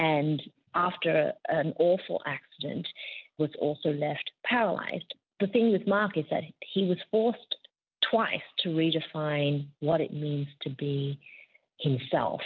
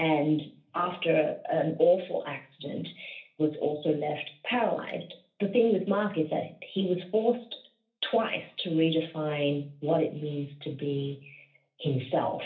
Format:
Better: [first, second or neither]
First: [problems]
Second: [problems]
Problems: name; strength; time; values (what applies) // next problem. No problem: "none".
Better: first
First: none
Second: room echo; dies away in 0.3 s